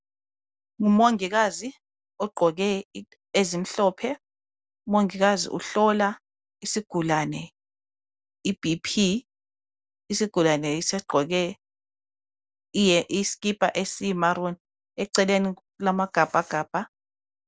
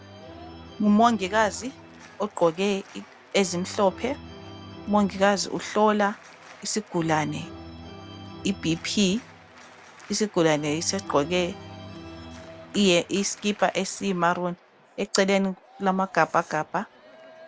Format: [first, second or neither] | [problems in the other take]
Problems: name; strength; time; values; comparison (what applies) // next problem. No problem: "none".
first | background sound (Organ); 18 dB below the speech